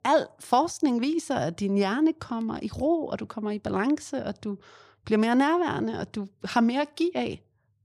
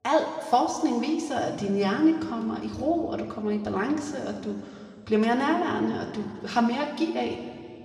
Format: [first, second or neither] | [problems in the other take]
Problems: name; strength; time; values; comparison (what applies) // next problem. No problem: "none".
first | room echo; noticeable; dies away in 2.1 s // off-mic speech; far